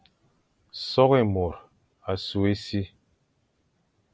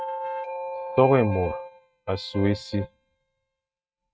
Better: first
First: none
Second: noise reduction (neural mask model RNNoise)

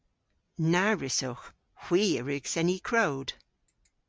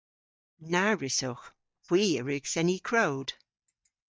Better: first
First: none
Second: noise reduction (neural mask model DeepFilterNet 3)

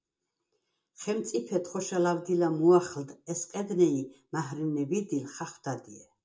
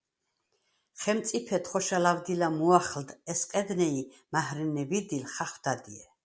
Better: second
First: room echo; dies away in 0.2 s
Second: none

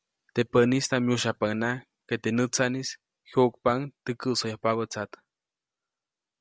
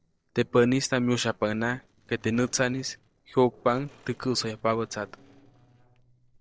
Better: first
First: none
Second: noise reduction (neural separator model SepFormer DNS4)

